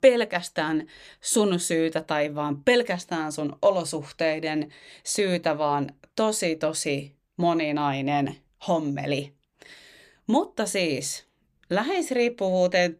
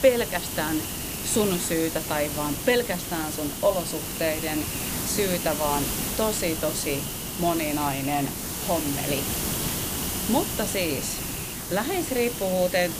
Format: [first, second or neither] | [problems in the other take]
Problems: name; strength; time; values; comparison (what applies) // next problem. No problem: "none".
first | hiss; loud; throughout; 2 dB below the speech